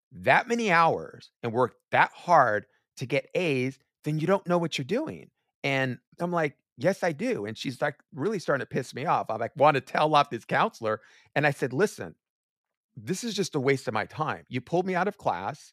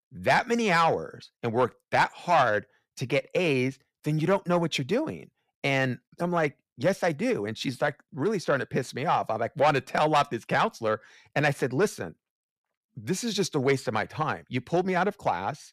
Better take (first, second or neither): first